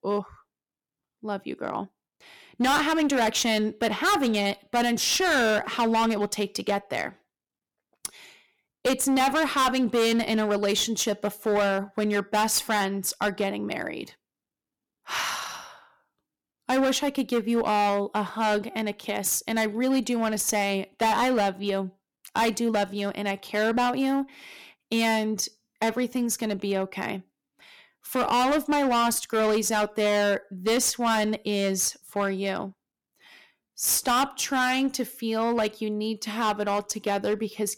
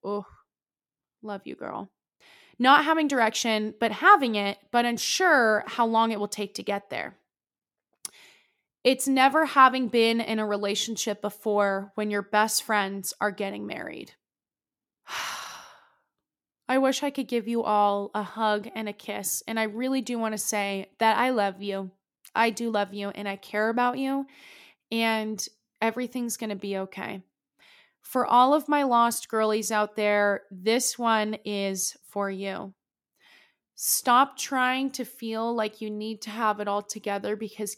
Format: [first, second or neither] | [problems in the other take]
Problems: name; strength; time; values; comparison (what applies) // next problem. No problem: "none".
second | distortion; heavy; 11% of the sound clipped